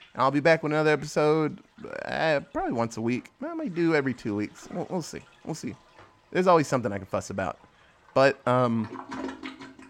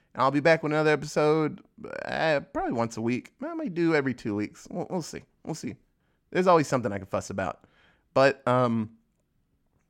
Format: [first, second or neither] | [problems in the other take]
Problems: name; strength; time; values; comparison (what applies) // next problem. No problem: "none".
second | household noises; noticeable; throughout; 20 dB below the speech